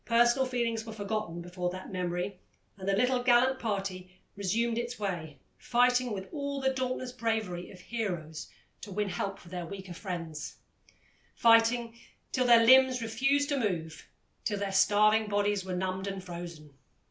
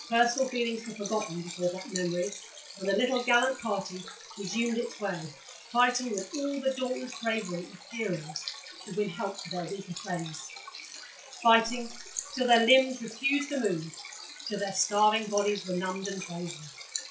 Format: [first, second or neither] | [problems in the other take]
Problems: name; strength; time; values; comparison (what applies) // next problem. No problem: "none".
first | noise reduction (classical method log-MMSE)